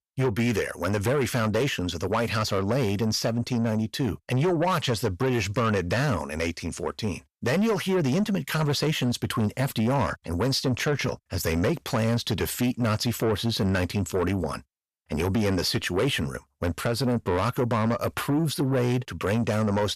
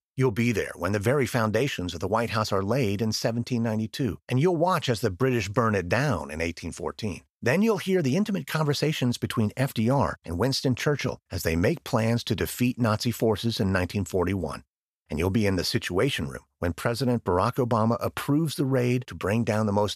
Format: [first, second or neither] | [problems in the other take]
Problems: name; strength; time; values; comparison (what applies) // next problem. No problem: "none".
second | distortion; slight; 10 dB below the speech